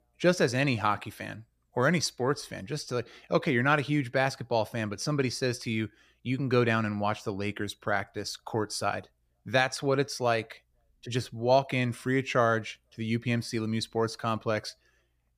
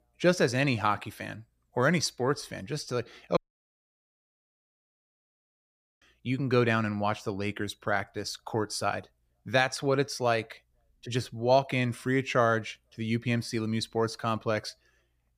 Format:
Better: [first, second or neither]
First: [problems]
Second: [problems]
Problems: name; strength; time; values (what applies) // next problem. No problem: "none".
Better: first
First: none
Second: audio cutting out; at 3.5 s for 2.5 s